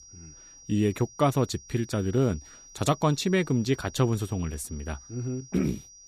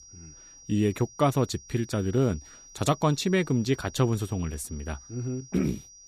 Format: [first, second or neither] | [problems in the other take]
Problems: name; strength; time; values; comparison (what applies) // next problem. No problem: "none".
neither | high-pitched whine; noticeable; throughout; 5.5 kHz, 20 dB below the speech; the same in both